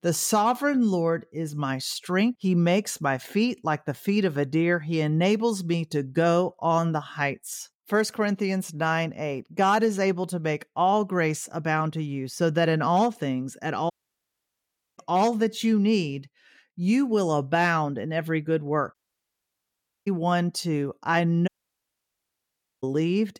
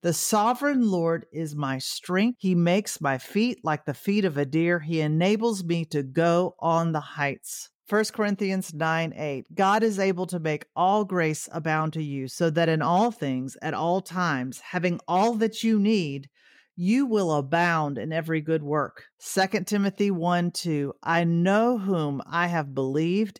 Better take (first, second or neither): second